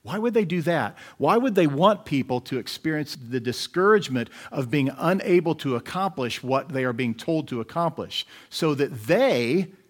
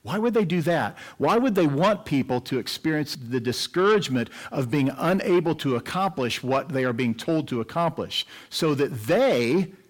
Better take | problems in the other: first | distortion; slight; 10 dB below the speech

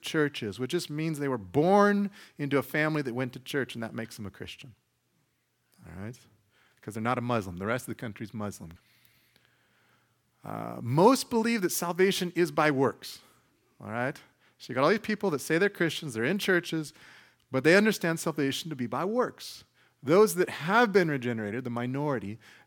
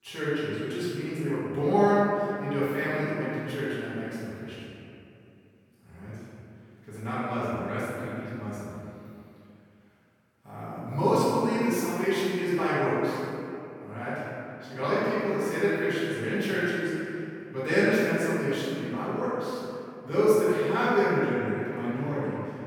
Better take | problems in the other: first | off-mic speech; far // room echo; strong; dies away in 2.5 s

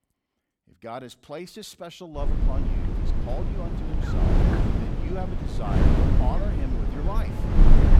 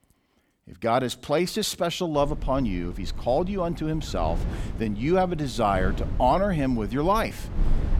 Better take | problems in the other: second | wind noise on the microphone; heavy; from 2 s on; 3 dB above the speech; occasional gusts in the second

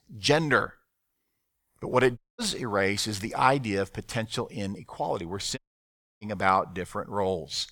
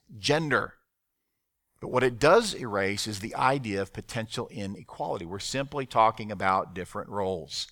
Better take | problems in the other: second | audio cutting out; at 2 s and at 5.5 s for 0.5 s

